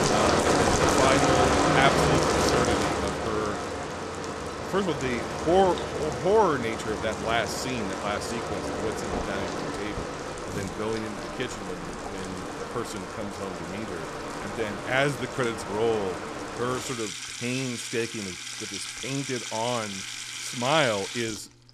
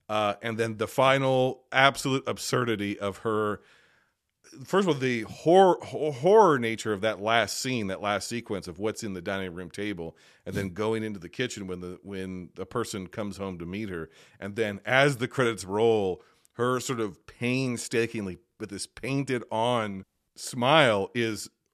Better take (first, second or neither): second